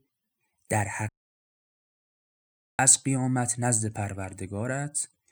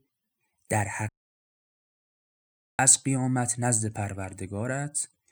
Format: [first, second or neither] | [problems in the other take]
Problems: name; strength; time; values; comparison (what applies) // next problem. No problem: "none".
neither | audio cutting out; at 1 s for 1.5 s; the same in both